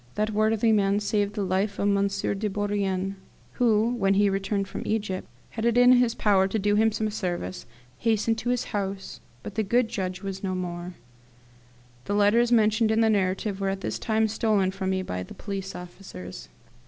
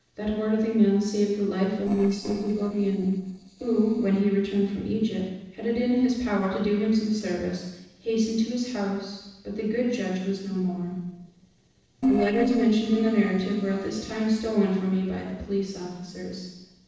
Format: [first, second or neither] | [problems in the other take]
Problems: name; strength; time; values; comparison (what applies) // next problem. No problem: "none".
first | noise reduction (neural separator model SepFormer DNS4)